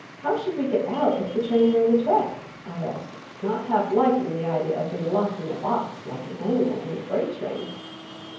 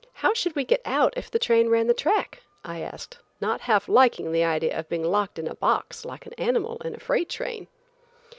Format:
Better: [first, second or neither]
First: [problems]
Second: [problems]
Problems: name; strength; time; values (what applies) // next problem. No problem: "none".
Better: second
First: background sound (Traffic noise, roadway noise); 17 dB below the speech // room echo; dies away in 0.9 s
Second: none